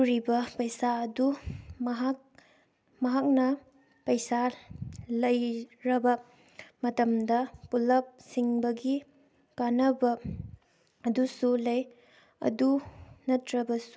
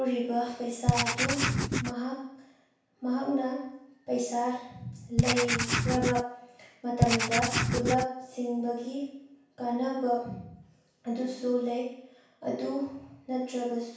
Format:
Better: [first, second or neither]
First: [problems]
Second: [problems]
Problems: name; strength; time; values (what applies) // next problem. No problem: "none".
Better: first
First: none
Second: background sound (Writing); 4 dB above the speech // room echo; dies away in 0.7 s